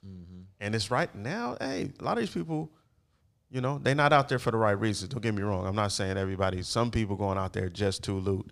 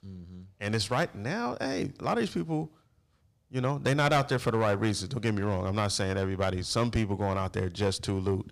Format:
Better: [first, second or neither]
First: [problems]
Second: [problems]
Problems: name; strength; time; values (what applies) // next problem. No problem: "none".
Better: first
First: none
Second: distortion; slight; 3% of the sound clipped